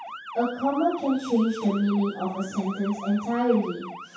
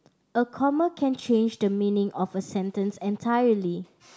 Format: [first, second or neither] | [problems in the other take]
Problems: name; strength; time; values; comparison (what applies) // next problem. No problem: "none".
second | background sound (Motor vehicle (road) / Siren); 13 dB below the speech // room echo; dies away in 0.7 s